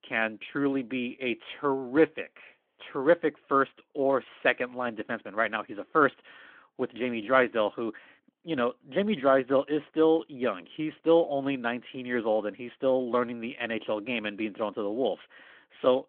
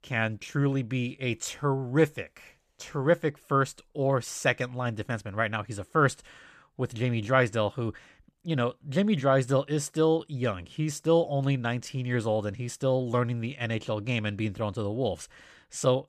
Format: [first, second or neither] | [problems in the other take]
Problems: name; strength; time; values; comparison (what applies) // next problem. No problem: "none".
second | phone-call audio